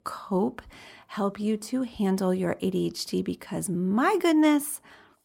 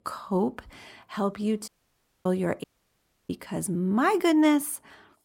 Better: first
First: none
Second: audio cutting out; at 1.5 s for 0.5 s and at 2.5 s for 0.5 s

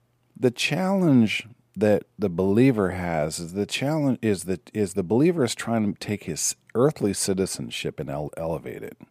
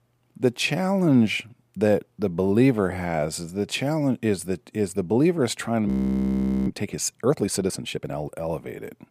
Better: first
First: none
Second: audio freezing; at 6 s for 1 s

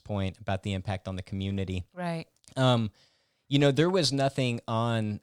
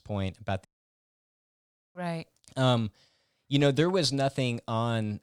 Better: first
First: none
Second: audio cutting out; at 0.5 s for 1.5 s

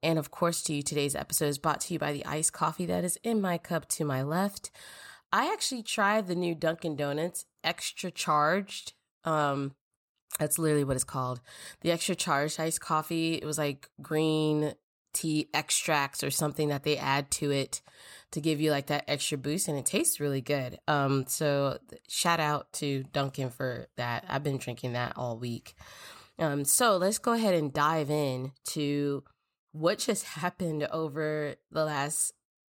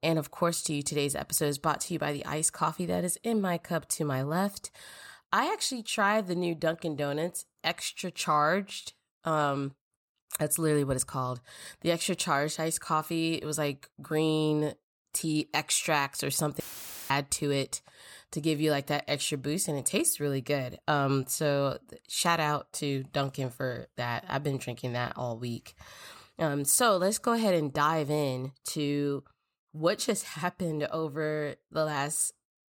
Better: first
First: none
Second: audio cutting out; filled with static; at 17 s for 0.5 s

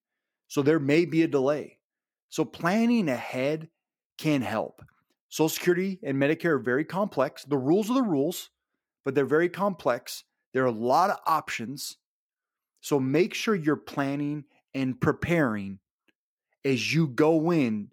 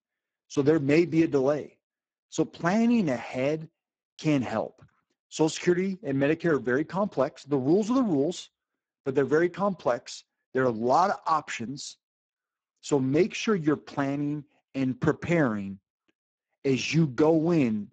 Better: first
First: none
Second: garbled, watery; badly; nothing above 7.5 kHz

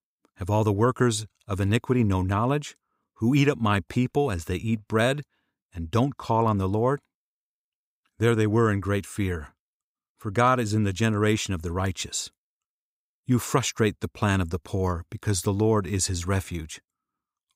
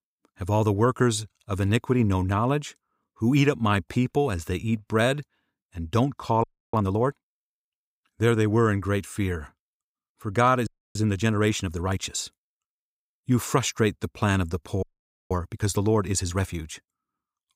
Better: first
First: none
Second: audio freezing; at 6.5 s, at 11 s and at 15 s

